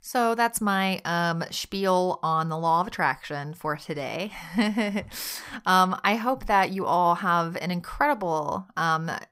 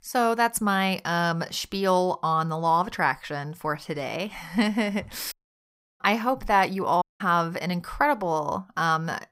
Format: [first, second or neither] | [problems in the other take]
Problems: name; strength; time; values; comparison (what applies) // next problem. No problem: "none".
first | audio cutting out; at 5.5 s for 0.5 s and at 7 s